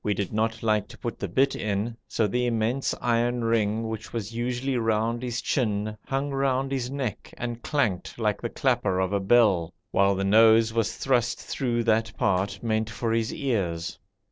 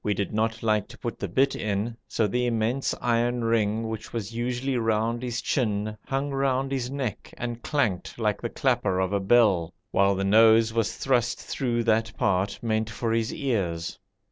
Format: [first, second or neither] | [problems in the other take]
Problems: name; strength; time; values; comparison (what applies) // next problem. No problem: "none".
second | noise reduction (neural separator model SepFormer DNS4)